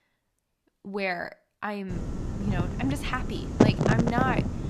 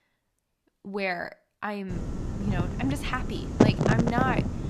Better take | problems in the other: neither | wind noise on the microphone; heavy; from 2 s on; as loud as the speech; the same in both

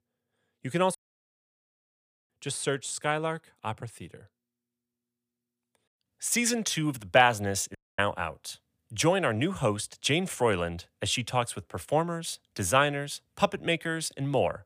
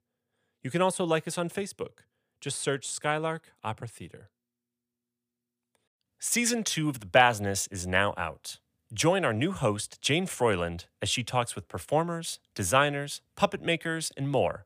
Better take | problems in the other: second | audio cutting out; at 1 s for 1.5 s and at 8 s

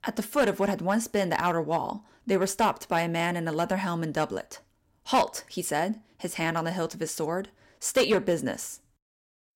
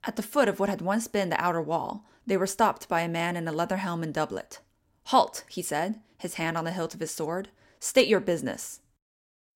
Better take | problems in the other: second | distortion; slight; 2% of the sound clipped

